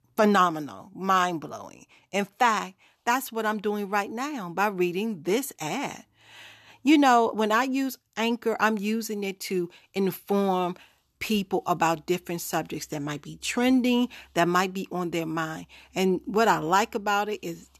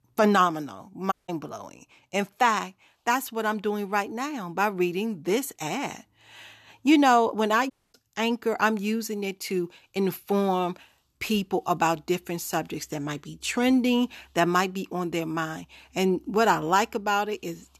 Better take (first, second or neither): first